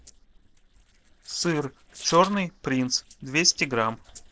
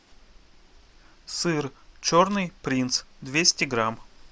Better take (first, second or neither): second